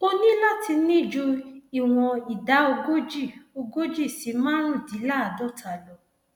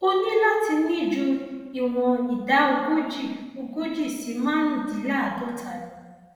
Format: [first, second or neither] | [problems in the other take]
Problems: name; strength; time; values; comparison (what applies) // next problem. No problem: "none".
first | room echo; dies away in 1.2 s